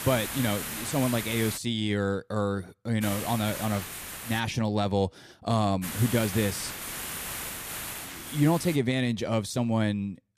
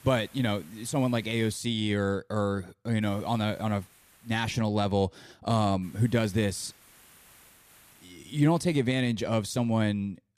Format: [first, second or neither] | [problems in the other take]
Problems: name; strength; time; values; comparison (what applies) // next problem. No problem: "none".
second | hiss; loud; until 1.5 s, from 3 to 4.5 s and from 6 to 9 s; 7 dB below the speech; faint in the second